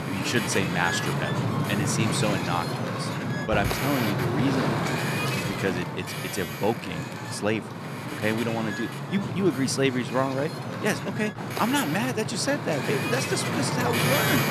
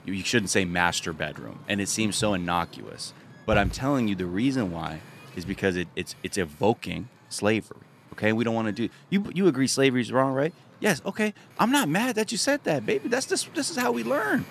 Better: second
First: wind noise on the microphone; heavy; 1 dB below the speech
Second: wind noise on the microphone; occasional gusts; 25 dB below the speech

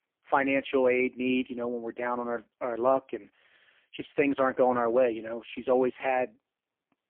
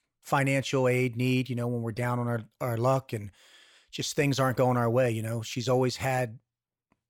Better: second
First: phone-call audio; poor line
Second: none

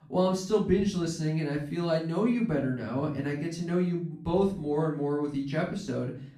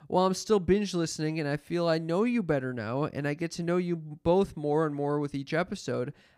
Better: second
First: room echo; slight; dies away in 0.5 s // off-mic speech; far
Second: none

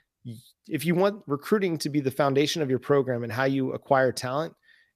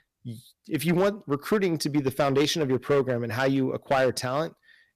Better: first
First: none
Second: distortion; slight; 5% of the sound clipped

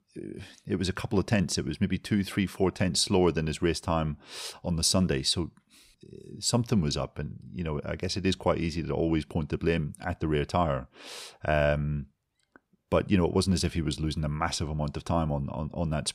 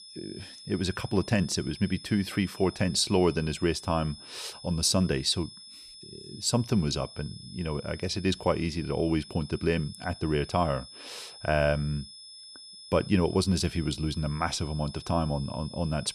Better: first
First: none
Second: high-pitched whine; noticeable; throughout; 5 kHz, 15 dB below the speech

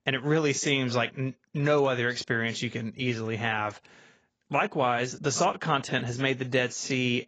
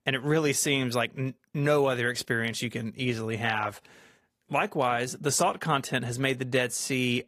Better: second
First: garbled, watery; badly; nothing above 7.5 kHz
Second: garbled, watery; slightly; nothing above 15.5 kHz

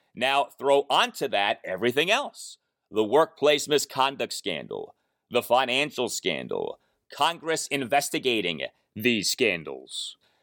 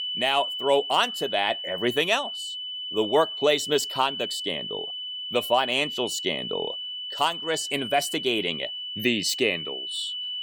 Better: first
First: none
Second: high-pitched whine; loud; throughout; 3 kHz, 5 dB below the speech

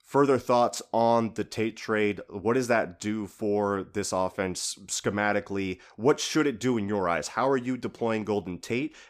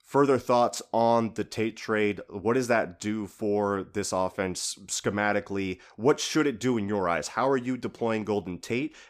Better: neither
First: none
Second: none

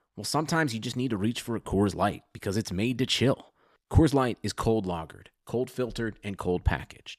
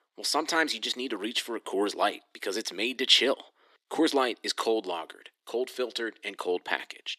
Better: first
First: none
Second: thin; somewhat; fading below 300 Hz

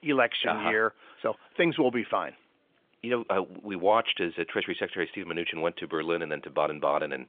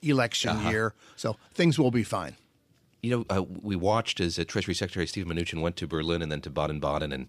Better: second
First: phone-call audio; nothing above 3.5 kHz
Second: none

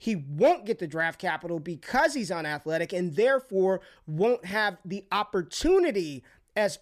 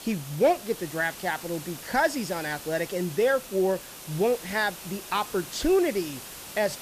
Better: first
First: none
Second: hiss; noticeable; throughout; 10 dB below the speech

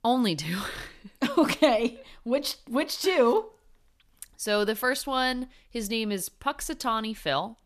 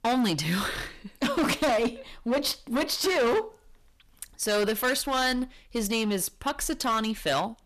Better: first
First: none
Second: distortion; heavy; 14% of the sound clipped

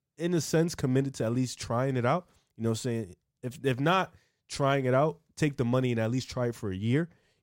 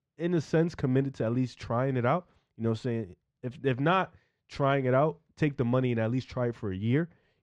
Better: first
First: none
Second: muffled; slightly; fading above 3 kHz

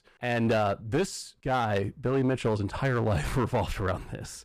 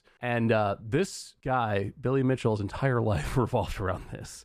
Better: second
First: distortion; slight; 9% of the sound clipped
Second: none

